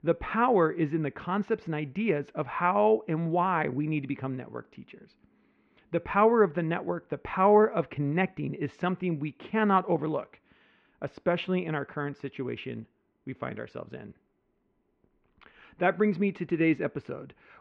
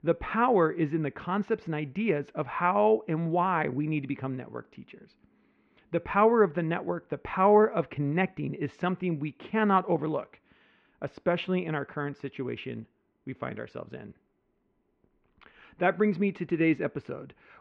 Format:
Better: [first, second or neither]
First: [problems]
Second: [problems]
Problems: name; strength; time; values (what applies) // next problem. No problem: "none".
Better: neither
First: muffled; very; fading above 2.5 kHz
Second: muffled; very; fading above 2.5 kHz